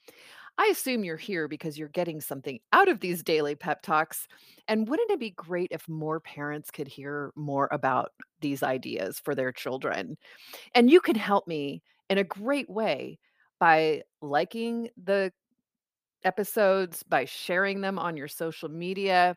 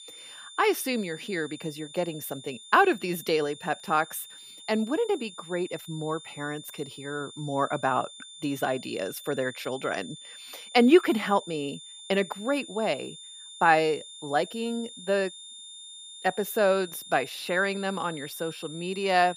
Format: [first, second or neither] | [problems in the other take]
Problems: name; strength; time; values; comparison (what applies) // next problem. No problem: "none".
first | high-pitched whine; noticeable; throughout; 3.5 kHz, 15 dB below the speech